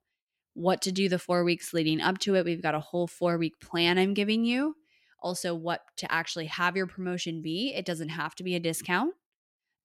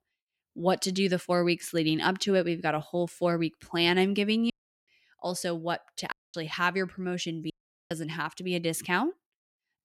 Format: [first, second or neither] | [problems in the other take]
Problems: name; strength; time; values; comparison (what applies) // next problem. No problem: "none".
first | audio cutting out; at 4.5 s, at 6 s and at 7.5 s